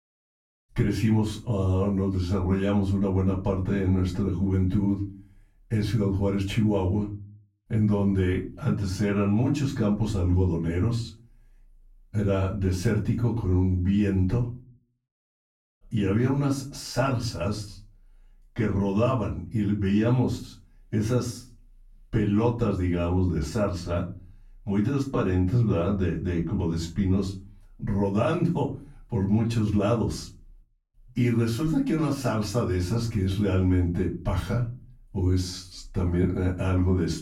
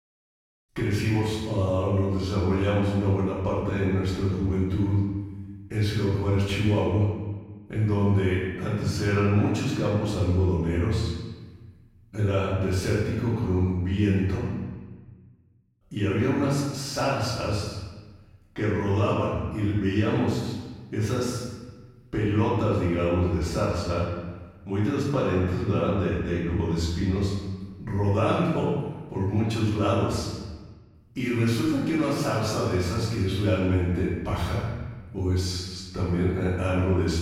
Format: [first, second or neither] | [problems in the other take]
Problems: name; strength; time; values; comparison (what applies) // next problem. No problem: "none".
first | room echo; strong; dies away in 1.2 s; slight in the first // off-mic speech; far; far in the first